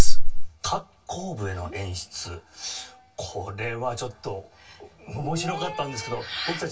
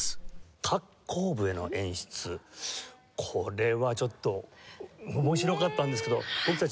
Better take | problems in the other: second | room echo; dies away in 0.1 s

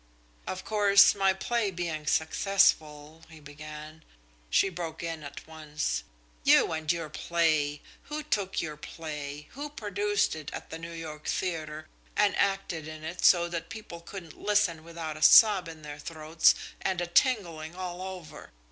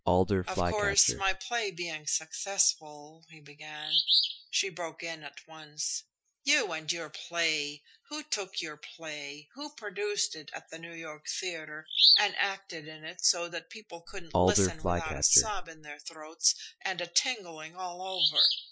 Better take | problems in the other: first | noise reduction (classical method Wiener filter)

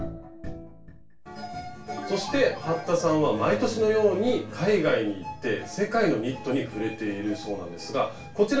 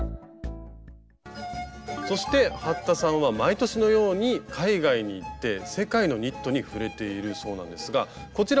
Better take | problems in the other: second | background sound (Bowed string instrument); 17 dB below the speech // room echo; dies away in 0.3 s

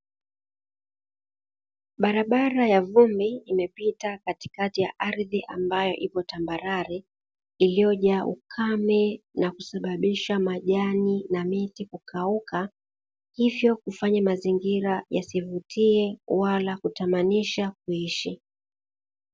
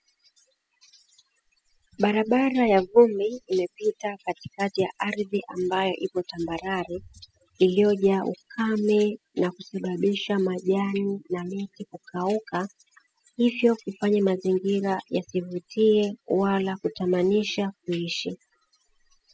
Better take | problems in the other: first | noise reduction (classical method spectral subtraction)

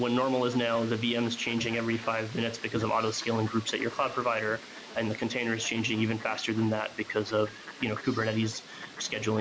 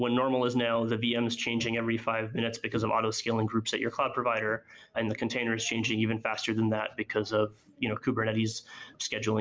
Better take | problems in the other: second | background sound (Fowl + Squeak); 15 dB below the speech

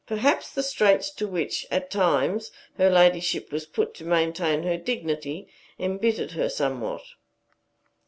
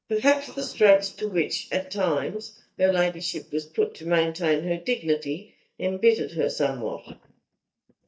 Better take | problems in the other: first | noise reduction (neural mask model DeepFilterNet 3)

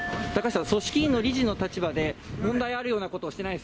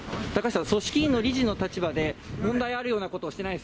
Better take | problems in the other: second | background sound (Glass); 17 dB below the speech

